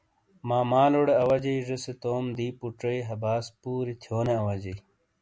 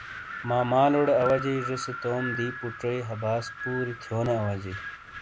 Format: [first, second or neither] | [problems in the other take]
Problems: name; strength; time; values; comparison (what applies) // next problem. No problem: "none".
first | background sound (Wind); 10 dB below the speech